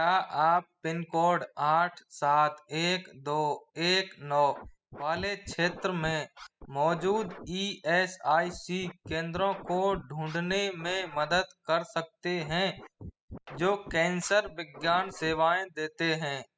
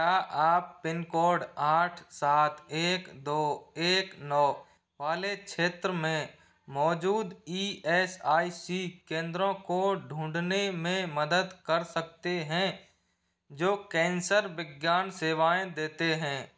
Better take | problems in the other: second | noise reduction (classical method spectral subtraction)

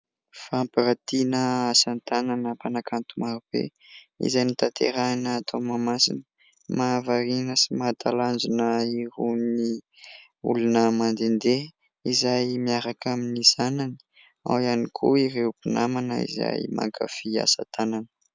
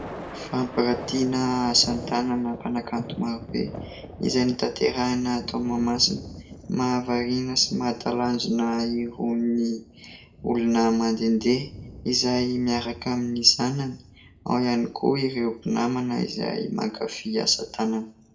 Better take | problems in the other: first | background sound (Thunder); 16 dB below the speech // room echo; dies away in 0.4 s

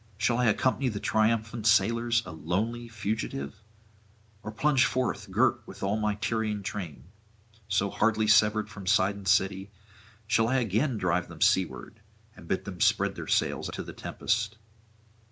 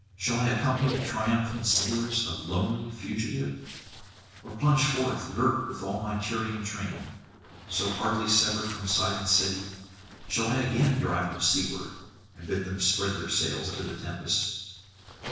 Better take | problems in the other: first | noise reduction (neural separator model SepFormer DNS4)

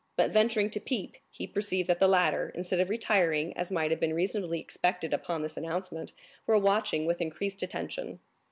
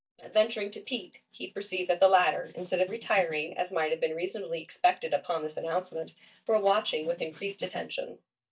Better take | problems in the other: first | noise reduction (neural mask model DeepFilterNet 3)

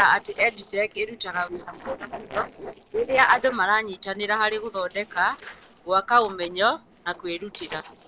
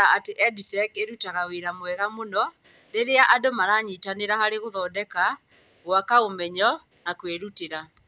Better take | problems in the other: second | noise reduction (neural separator model SepFormer DNS4)

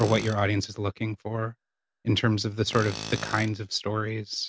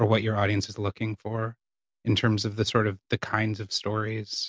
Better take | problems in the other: second | background sound (Tools); 14 dB below the speech

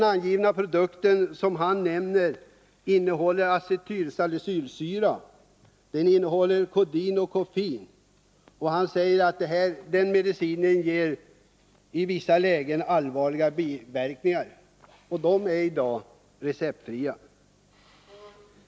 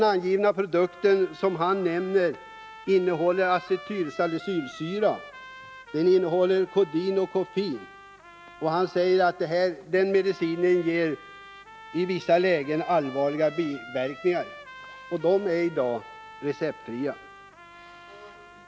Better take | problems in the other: first | background sound (Trumpet); 19 dB below the speech

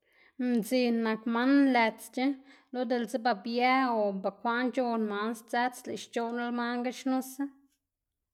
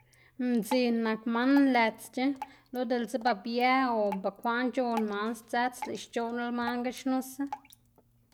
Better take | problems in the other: first | background sound (Drip); 17 dB below the speech

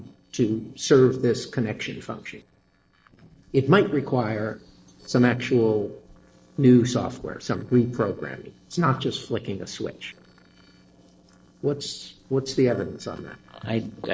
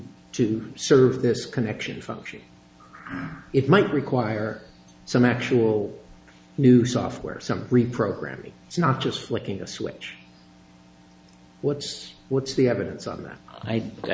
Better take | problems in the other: second | noise reduction (neural separator model SepFormer DNS4)

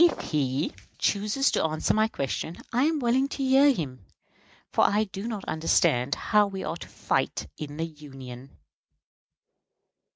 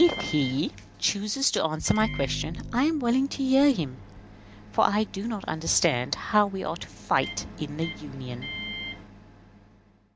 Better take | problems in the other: first | background sound (Microwave oven); 13 dB below the speech

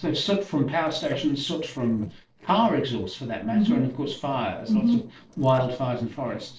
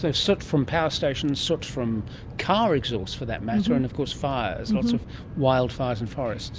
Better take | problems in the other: second | noise reduction (neural separator model SepFormer DNS4)

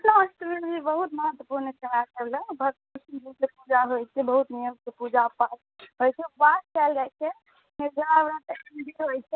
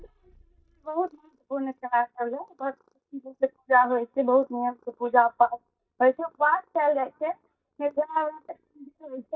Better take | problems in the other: first | noise reduction (neural mask model DeepFilterNet 3)

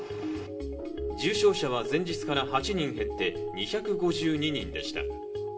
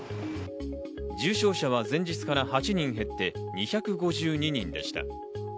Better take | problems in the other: second | background sound (Gong); 17 dB below the speech // room echo; dies away in 0.8 s

